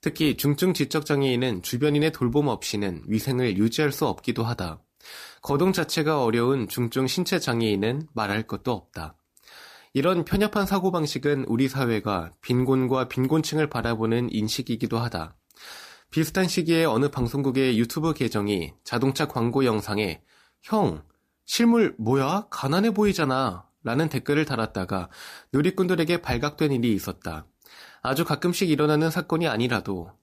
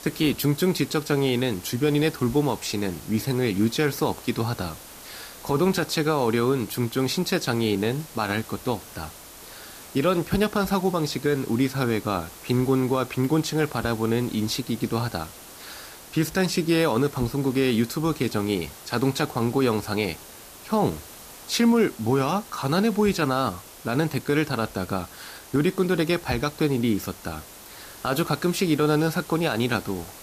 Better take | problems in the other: first | hiss; noticeable; throughout; 15 dB below the speech

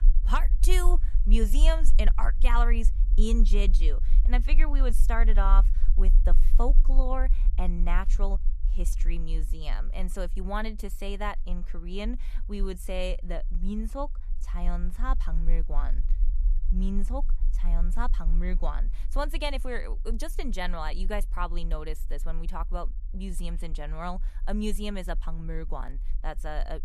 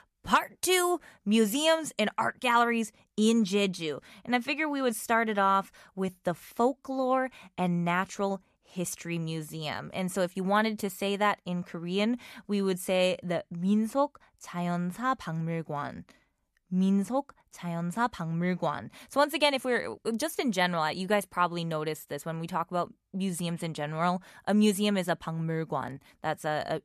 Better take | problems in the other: second | low rumble; noticeable; throughout; 20 dB below the speech

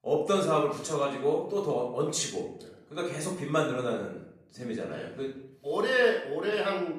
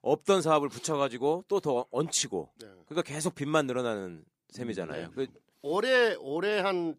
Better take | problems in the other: second | off-mic speech; far // room echo; noticeable; dies away in 0.6 s

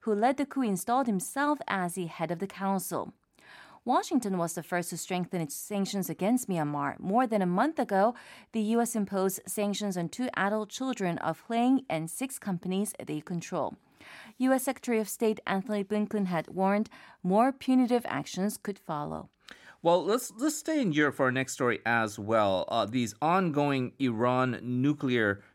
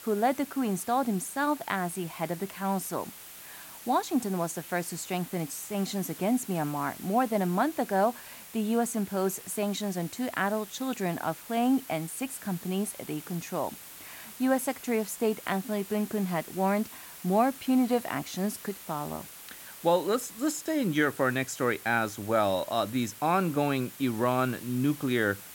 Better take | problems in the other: first | hiss; noticeable; throughout; 15 dB below the speech

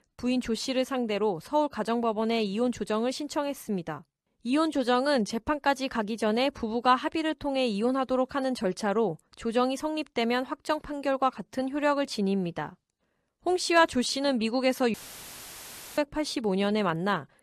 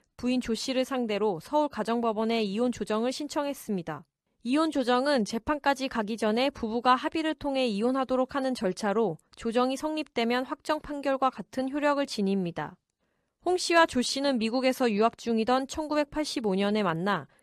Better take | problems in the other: second | audio cutting out; filled with static; at 15 s for 1 s

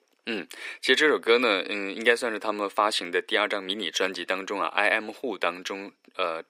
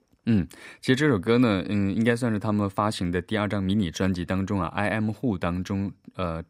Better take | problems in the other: second | thin; very; fading below 400 Hz

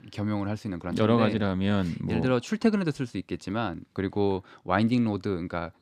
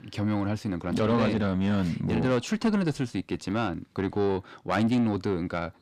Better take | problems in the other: first | distortion; slight; 10 dB below the speech

